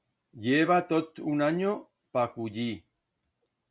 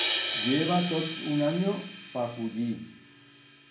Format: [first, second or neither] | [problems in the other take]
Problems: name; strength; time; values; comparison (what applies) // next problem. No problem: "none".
first | background sound (Crash cymbal); 5 dB below the speech // room echo; dies away in 0.6 s